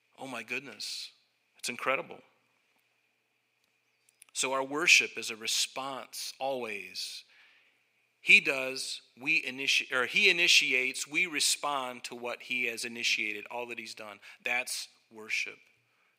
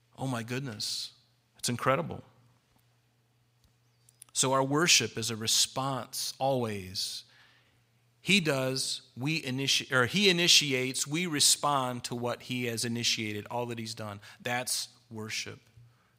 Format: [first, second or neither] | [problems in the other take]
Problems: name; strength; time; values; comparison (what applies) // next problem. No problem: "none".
second | thin; somewhat; fading below 350 Hz